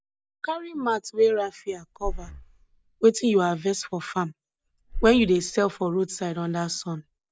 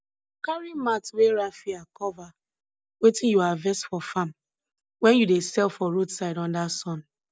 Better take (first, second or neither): second